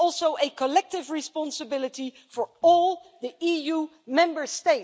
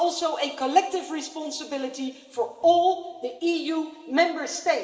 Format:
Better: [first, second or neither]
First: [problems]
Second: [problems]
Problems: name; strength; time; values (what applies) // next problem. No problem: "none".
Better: first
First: none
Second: room echo; dies away in 2.3 s